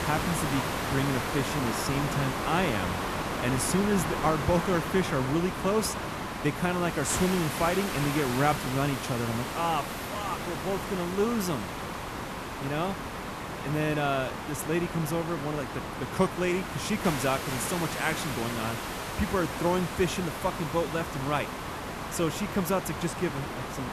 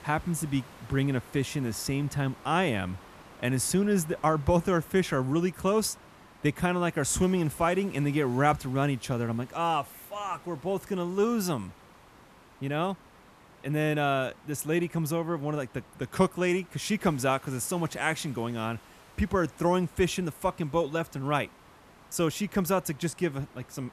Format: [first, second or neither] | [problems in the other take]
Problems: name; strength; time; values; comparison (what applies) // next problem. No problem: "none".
second | hiss; loud; throughout; 3 dB below the speech; faint in the second